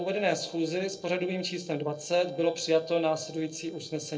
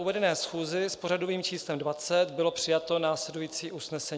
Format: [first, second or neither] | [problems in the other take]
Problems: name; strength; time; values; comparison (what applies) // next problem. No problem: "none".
second | noise reduction (neural separator model SepFormer DNS4)